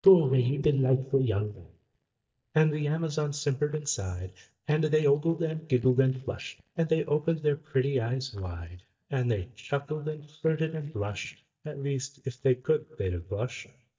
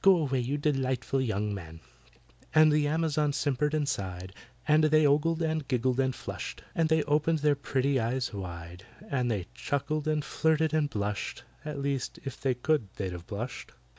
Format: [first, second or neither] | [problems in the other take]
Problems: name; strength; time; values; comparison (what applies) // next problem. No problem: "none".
second | noise reduction (neural mask model DeepFilterNet 3)